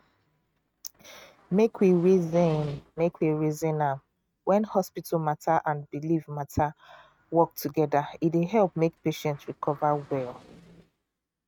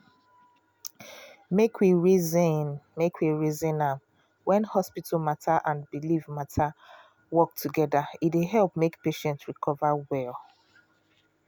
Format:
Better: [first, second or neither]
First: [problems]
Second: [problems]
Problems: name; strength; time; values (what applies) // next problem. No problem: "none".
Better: second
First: noise reduction (neural mask model RNNoise)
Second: none